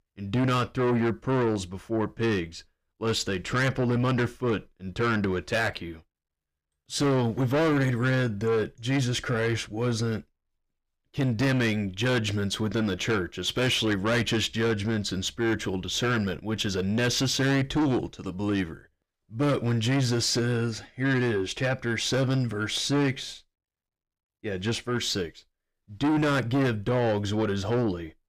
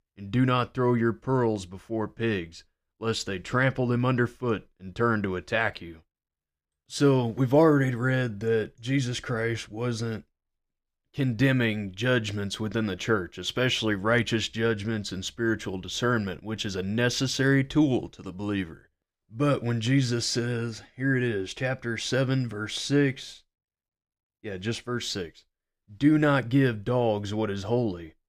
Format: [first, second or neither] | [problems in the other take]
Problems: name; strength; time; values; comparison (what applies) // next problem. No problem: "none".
second | distortion; heavy; 8 dB below the speech